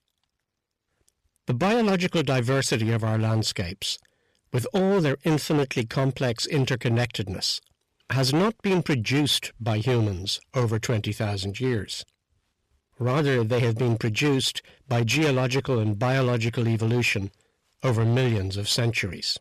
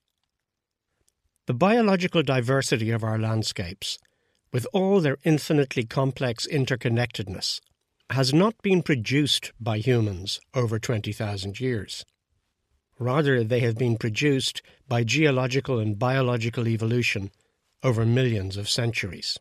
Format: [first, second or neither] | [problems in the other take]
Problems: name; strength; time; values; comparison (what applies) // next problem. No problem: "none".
second | distortion; slight; 11% of the sound clipped